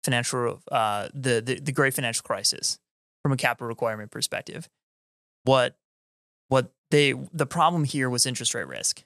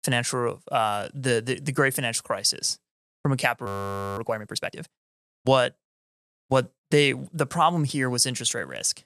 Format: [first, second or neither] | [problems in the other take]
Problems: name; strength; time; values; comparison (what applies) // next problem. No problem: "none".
first | audio freezing; at 3.5 s for 0.5 s